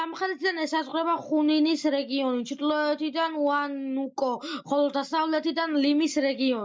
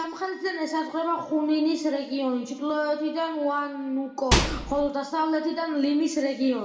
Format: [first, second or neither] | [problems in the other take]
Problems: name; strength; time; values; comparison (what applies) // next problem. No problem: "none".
first | background sound (Microwave oven); 2 dB above the speech // room echo; dies away in 1.6 s